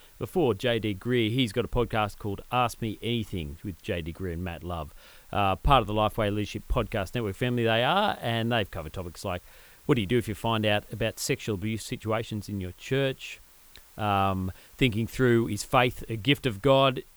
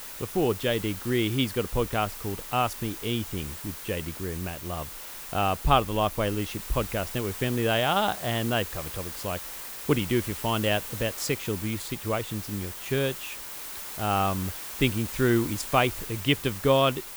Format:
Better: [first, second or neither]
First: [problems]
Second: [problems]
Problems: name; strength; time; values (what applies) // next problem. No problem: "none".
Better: first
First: hiss; faint; throughout; 25 dB below the speech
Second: hiss; loud; throughout; 8 dB below the speech